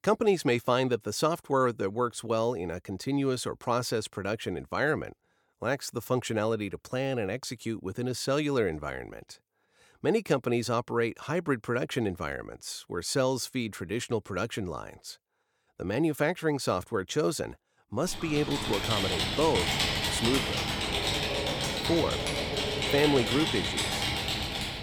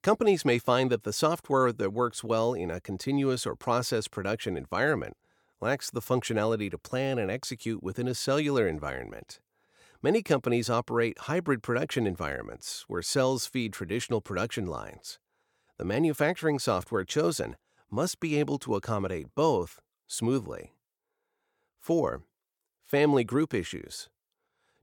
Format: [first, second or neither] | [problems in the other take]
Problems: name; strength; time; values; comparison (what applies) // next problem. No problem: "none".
second | keyboard typing; loud; from 18 s on; peak 4 dB above the speech